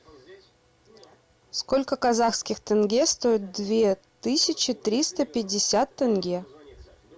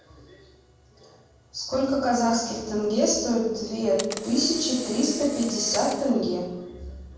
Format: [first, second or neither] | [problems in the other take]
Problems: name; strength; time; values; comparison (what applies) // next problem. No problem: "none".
first | background sound (Camera); 14 dB below the speech // room echo; dies away in 1.2 s